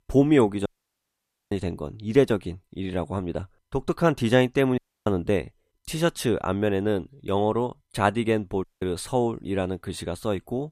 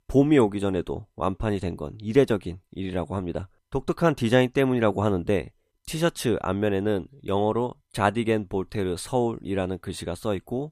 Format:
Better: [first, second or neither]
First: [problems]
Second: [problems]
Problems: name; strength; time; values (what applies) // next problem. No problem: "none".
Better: second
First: audio cutting out; at 0.5 s for 1 s, at 5 s and at 8.5 s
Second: none